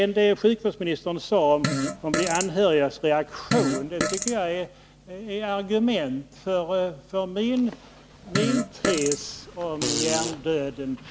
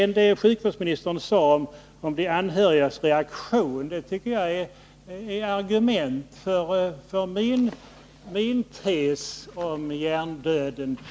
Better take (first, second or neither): second